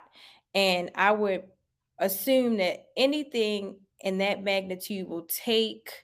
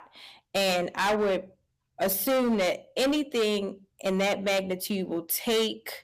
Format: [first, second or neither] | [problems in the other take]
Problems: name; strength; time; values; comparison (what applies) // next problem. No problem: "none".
first | distortion; heavy; 14% of the sound clipped